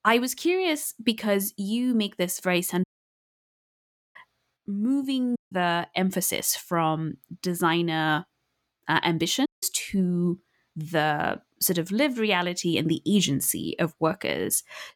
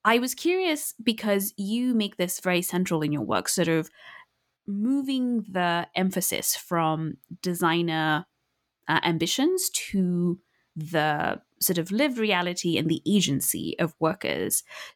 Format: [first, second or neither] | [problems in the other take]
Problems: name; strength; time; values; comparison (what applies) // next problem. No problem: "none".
second | audio cutting out; at 3 s for 1.5 s, at 5.5 s and at 9.5 s